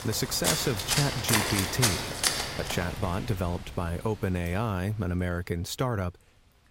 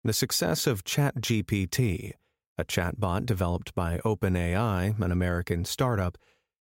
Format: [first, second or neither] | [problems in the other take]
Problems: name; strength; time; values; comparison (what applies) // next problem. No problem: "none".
second | rain or running water; very loud; throughout; 2 dB above the speech